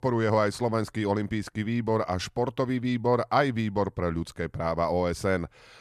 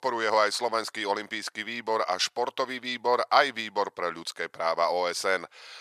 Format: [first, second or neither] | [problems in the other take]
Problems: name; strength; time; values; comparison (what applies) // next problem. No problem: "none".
first | thin; very; fading below 650 Hz